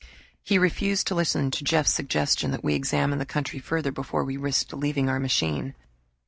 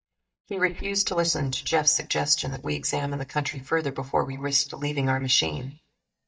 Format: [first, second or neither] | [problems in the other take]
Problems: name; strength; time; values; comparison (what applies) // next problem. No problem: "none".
first | noise reduction (neural mask model DeepFilterNet 3)